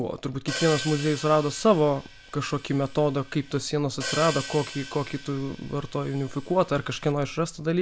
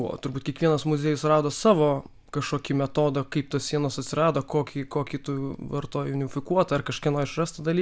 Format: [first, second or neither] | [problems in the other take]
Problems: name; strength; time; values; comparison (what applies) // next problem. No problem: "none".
second | background sound (Hi-hat); 13 dB below the speech